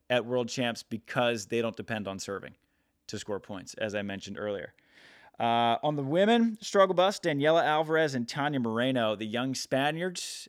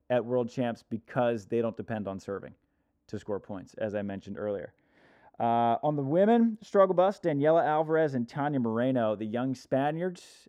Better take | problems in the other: first | muffled; very; fading above 1.5 kHz

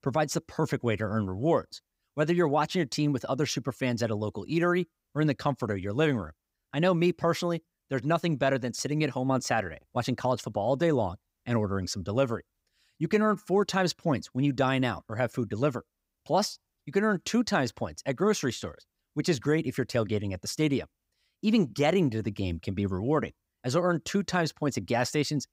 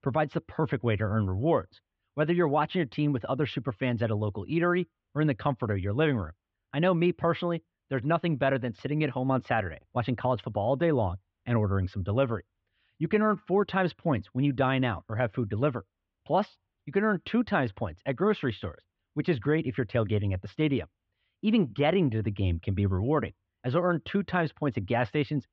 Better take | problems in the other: first | muffled; very; fading above 3.5 kHz

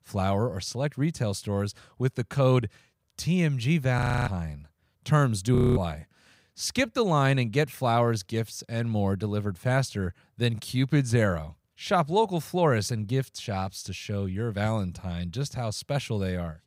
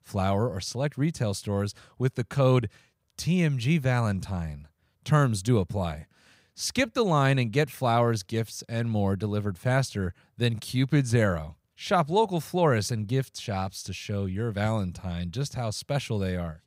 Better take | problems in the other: second | audio freezing; at 4 s and at 5.5 s

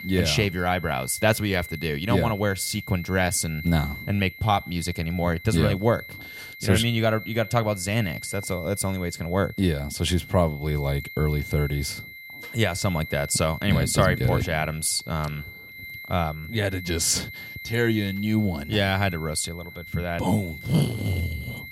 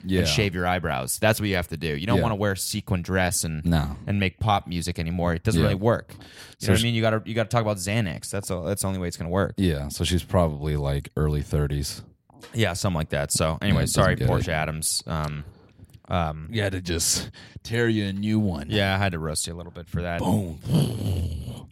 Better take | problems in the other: second | high-pitched whine; noticeable; throughout; 2 kHz, 15 dB below the speech

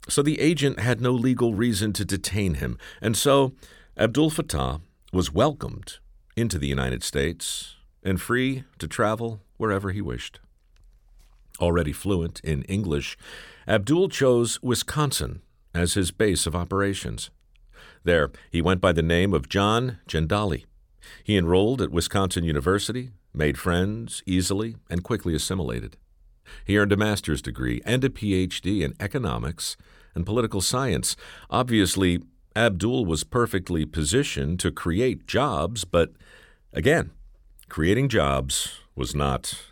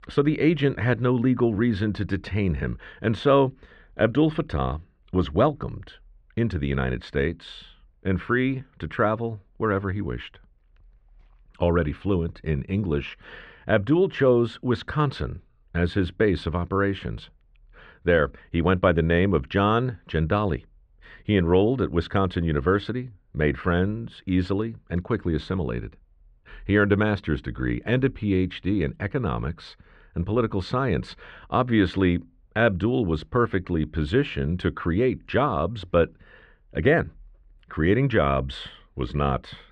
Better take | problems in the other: first | muffled; very; fading above 2.5 kHz

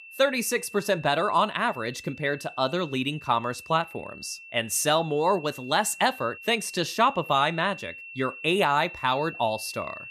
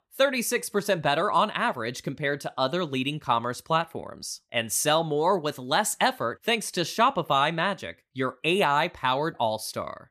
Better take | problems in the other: second | high-pitched whine; noticeable; throughout; 2.5 kHz, 15 dB below the speech

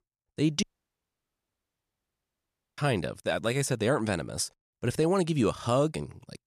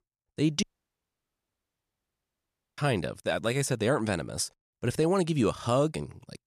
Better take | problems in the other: neither | audio cutting out; at 0.5 s for 2 s; the same in both

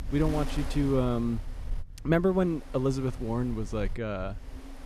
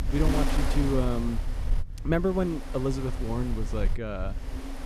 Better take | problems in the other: first | wind noise on the microphone; heavy; 6 dB below the speech; occasional gusts in the first

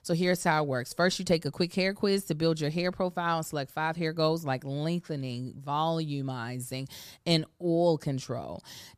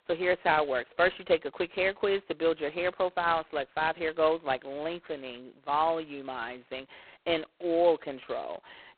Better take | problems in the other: first | phone-call audio; poor line; nothing above 4 kHz

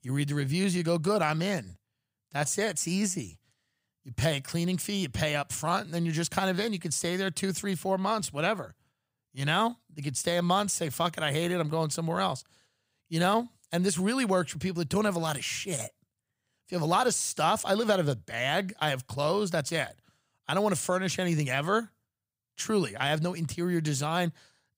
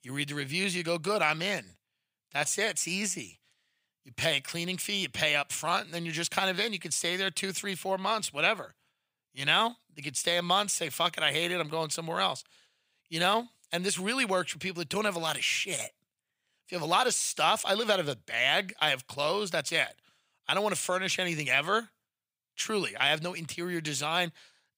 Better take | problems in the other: first | thin; very slightly; fading below 400 Hz

